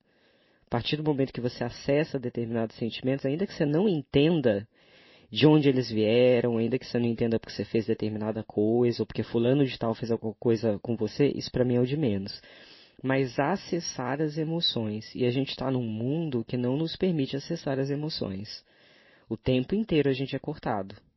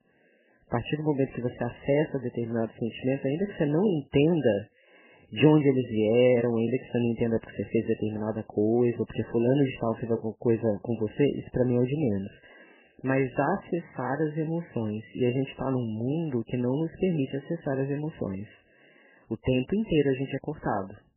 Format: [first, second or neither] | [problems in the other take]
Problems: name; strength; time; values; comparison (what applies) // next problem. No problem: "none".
first | garbled, watery; badly; nothing above 3 kHz; slightly in the first